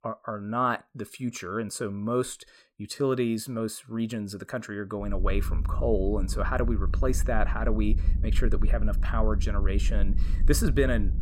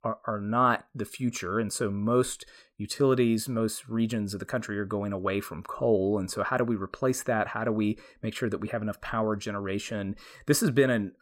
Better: second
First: low rumble; noticeable; from 5 s on; 15 dB below the speech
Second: none

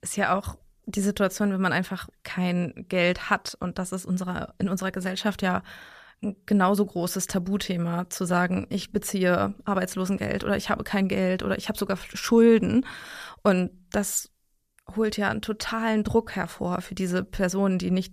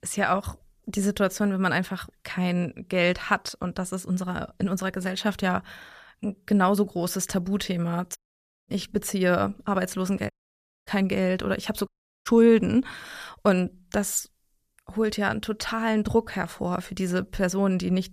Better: first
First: none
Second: audio cutting out; at 8 s for 0.5 s, at 10 s for 0.5 s and at 12 s

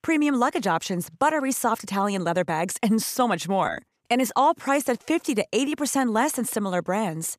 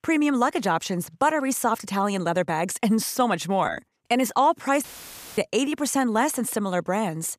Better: first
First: none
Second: audio cutting out; filled with static; at 5 s for 0.5 s

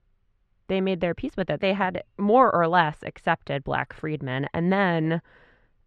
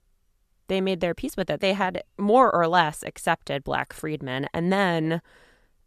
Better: second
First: muffled; slightly; fading above 2.5 kHz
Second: none

